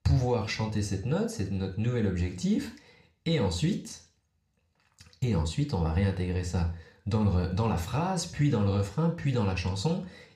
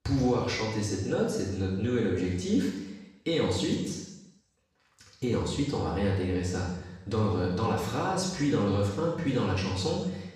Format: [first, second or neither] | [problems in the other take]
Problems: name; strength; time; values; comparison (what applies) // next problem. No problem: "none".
first | room echo; strong; dies away in 0.9 s; slight in the first // off-mic speech; far